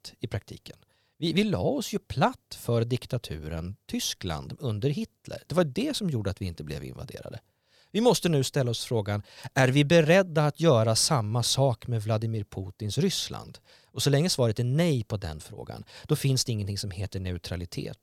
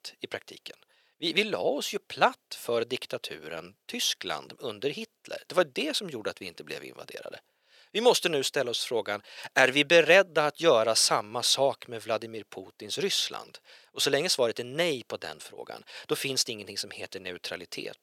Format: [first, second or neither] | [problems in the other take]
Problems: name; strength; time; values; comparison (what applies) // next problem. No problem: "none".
first | thin; somewhat; fading below 450 Hz